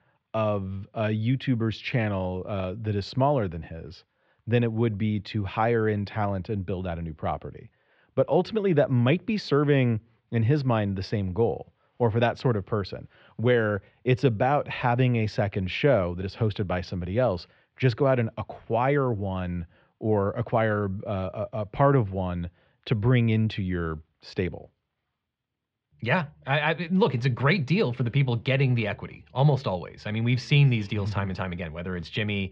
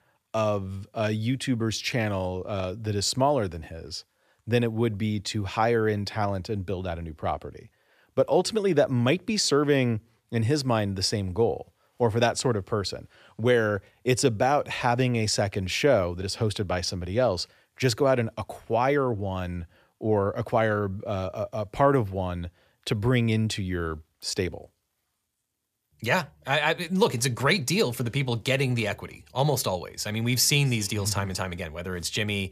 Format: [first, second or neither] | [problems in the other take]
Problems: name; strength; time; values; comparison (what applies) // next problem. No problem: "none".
second | muffled; slightly; fading above 3.5 kHz